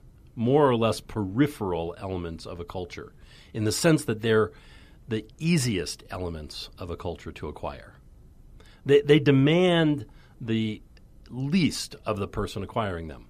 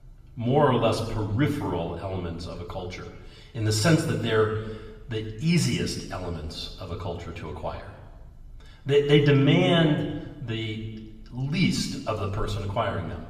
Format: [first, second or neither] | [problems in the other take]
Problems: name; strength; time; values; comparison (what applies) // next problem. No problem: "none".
first | room echo; slight; dies away in 1 s // off-mic speech; somewhat distant